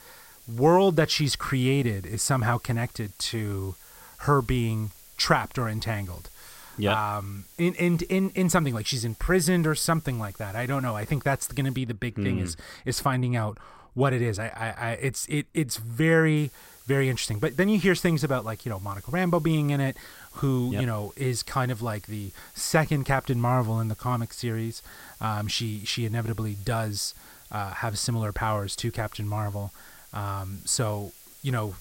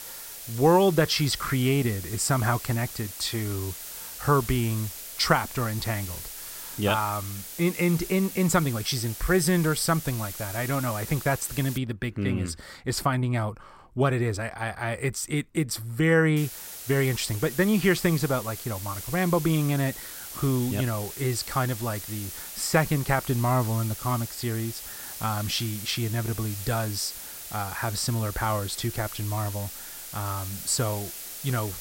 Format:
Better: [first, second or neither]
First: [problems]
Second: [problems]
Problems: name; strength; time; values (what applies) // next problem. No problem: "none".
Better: first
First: hiss; faint; until 12 s and from 16 s on; 20 dB below the speech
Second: hiss; loud; until 12 s and from 16 s on; 10 dB below the speech